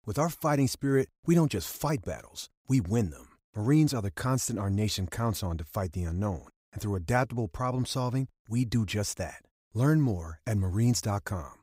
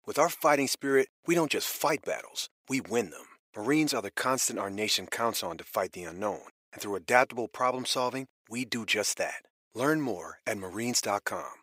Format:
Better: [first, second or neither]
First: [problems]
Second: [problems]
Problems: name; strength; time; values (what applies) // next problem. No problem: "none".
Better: first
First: none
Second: thin; somewhat; fading below 450 Hz